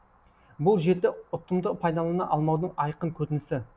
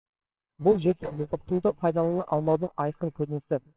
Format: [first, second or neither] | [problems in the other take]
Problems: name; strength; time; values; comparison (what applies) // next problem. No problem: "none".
first | noise reduction (neural separator model SepFormer WHAMR!)